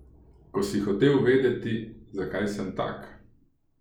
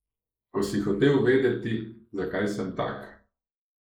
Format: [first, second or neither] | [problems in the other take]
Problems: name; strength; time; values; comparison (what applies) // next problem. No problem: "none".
first | noise reduction (neural mask model Resemble Enhance denoiser)